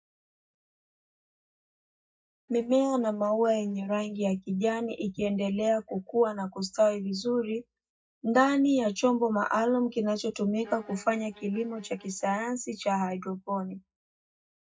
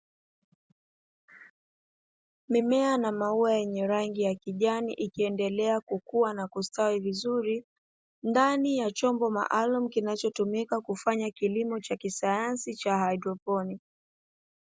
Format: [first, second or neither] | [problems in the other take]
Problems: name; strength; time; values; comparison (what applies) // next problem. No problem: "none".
second | noise reduction (neural mask model DeepFilterNet 3)